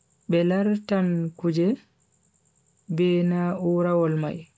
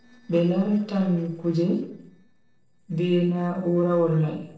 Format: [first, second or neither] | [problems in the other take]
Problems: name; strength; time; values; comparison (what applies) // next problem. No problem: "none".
first | noise reduction (neural separator model SepFormer DNS4)